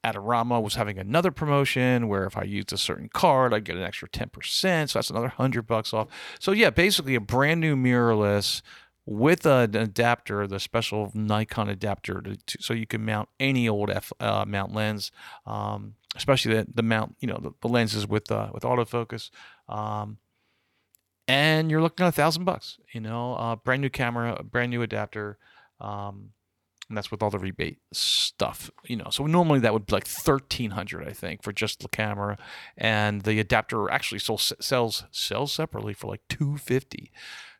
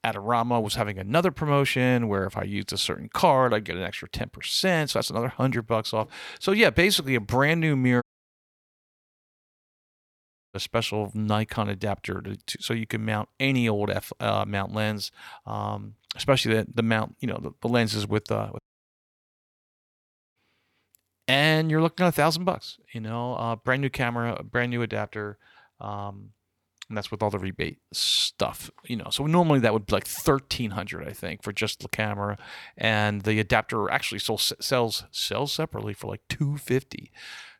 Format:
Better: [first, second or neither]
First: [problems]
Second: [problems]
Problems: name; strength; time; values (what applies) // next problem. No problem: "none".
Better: first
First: none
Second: audio cutting out; at 8 s for 2.5 s and at 19 s for 2 s